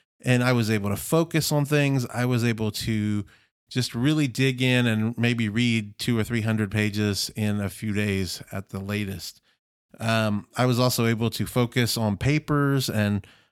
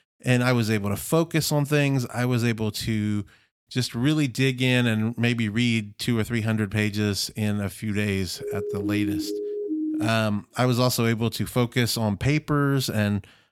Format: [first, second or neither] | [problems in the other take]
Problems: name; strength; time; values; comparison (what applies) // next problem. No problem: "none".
first | siren; noticeable; from 8.5 to 10 s; peak 3 dB below the speech